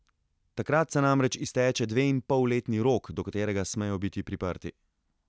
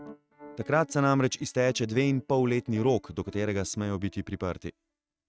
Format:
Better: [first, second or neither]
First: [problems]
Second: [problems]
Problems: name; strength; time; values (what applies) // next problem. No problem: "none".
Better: first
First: none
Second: noise reduction (neural mask model RNNoise)